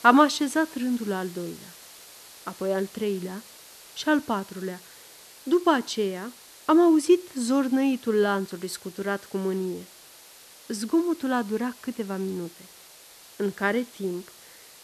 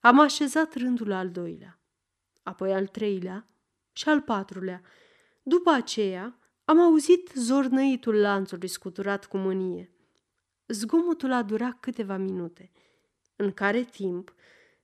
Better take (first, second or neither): second